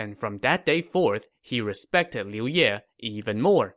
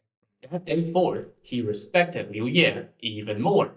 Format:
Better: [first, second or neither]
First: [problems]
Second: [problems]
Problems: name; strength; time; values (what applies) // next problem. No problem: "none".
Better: first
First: none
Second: noise reduction (neural mask model DeepFilterNet 3)